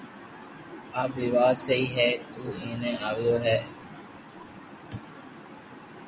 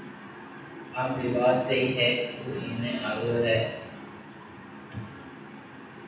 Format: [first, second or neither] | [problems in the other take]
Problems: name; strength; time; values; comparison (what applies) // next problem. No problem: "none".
first | room echo; dies away in 0.9 s